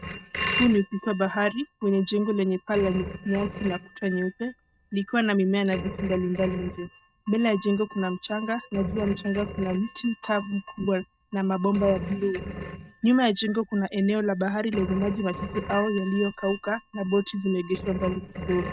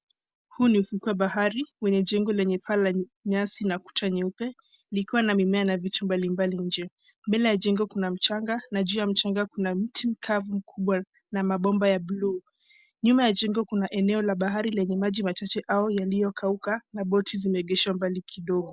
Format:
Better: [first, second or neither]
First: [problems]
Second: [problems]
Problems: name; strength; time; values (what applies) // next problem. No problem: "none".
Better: second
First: noise reduction (neural mask model RNNoise)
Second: none